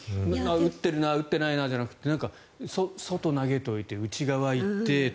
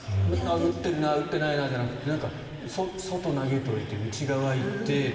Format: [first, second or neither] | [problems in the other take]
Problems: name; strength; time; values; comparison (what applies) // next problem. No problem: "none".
first | background sound (Train); 19 dB below the speech // room echo; dies away in 2.5 s